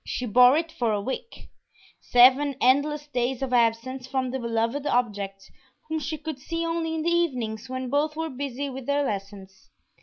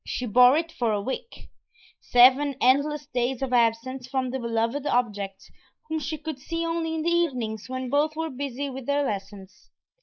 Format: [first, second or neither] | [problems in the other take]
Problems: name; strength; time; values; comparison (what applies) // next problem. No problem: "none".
first | noise reduction (neural mask model Resemble Enhance denoiser)